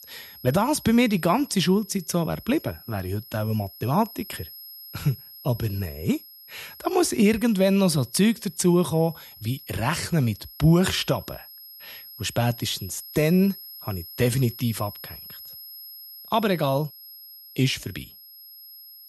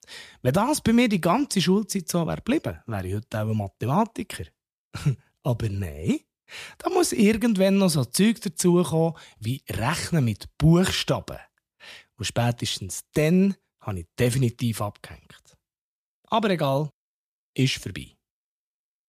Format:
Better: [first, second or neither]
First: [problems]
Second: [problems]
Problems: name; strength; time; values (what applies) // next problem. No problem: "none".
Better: second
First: high-pitched whine; noticeable; throughout; 11.5 kHz, 15 dB below the speech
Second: none